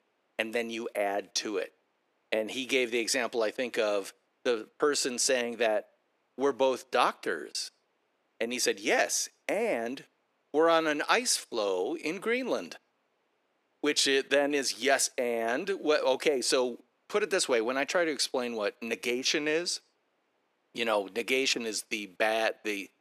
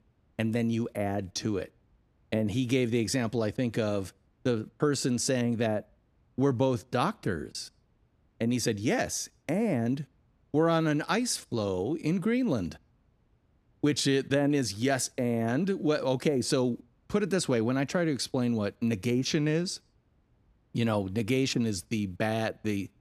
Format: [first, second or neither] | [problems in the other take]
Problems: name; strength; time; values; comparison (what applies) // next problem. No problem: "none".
second | thin; somewhat; fading below 400 Hz